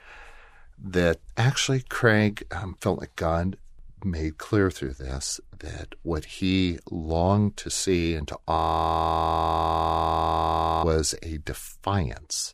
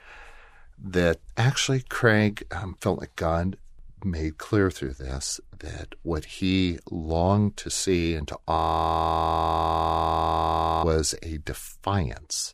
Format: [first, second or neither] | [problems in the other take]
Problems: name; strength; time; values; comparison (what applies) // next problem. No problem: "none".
neither | audio freezing; at 8.5 s for 2.5 s; the same in both